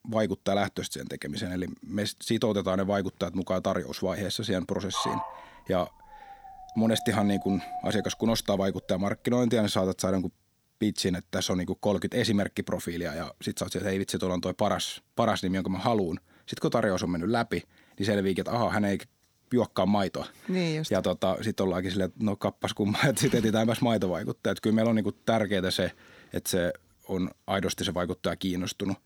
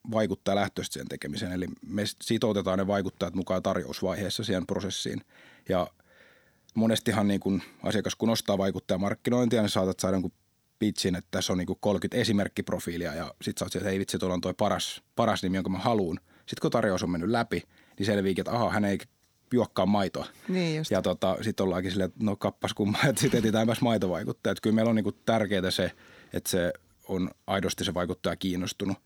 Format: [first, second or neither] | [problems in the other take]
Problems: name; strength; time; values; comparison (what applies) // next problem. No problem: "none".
second | dog barking; noticeable; from 5 to 8.5 s; peak 4 dB below the speech